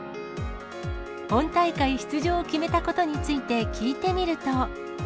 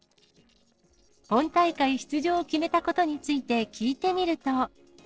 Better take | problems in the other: first | noise reduction (neural separator model SepFormer DNS4)

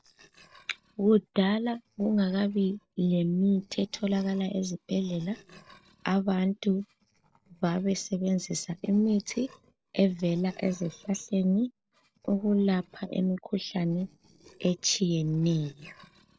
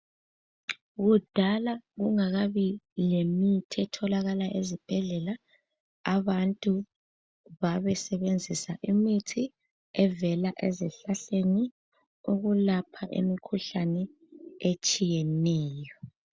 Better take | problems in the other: second | noise reduction (neural separator model SepFormer DNS4)

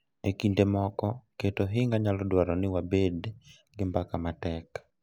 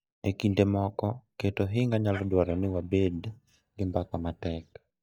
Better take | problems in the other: first | noise reduction (neural mask model DeepFilterNet 3)

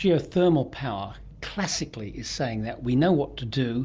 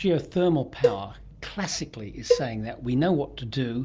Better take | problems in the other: first | background sound (Cowbell); 3 dB below the speech

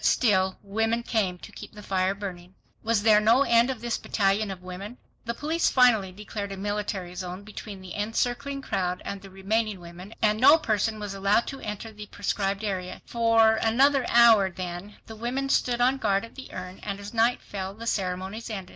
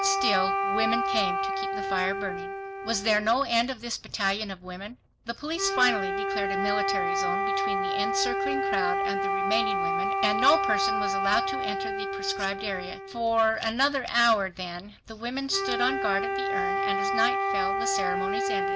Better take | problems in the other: first | background sound (Wind instrument, woodwind instrument); 1 dB above the speech

